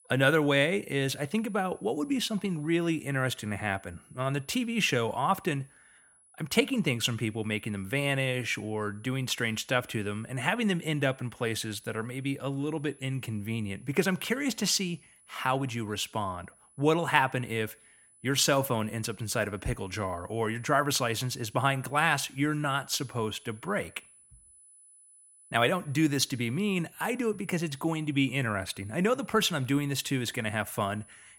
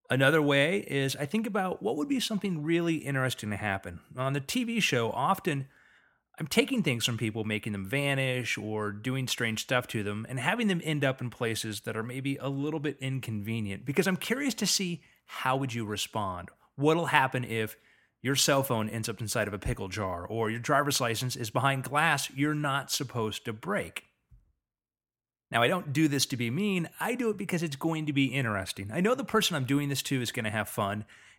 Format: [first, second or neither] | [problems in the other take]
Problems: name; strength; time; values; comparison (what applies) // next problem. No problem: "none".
second | high-pitched whine; faint; throughout; 10 kHz, 25 dB below the speech